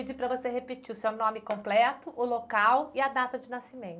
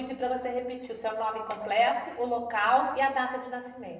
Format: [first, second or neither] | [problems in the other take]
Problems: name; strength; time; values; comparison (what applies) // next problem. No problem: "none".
first | room echo; dies away in 0.9 s